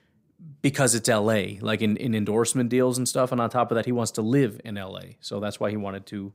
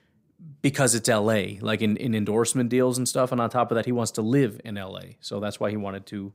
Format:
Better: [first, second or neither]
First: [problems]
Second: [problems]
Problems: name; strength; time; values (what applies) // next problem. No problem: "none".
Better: neither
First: none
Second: none